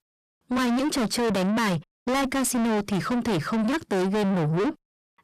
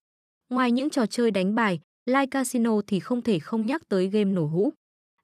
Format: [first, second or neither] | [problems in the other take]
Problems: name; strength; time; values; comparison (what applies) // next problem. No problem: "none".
second | distortion; heavy; 6 dB below the speech